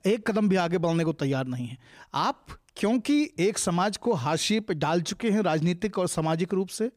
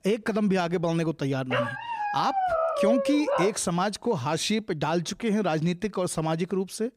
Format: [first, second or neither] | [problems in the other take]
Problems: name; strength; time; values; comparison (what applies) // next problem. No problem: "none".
first | dog barking; loud; from 1.5 to 3.5 s; peak 2 dB above the speech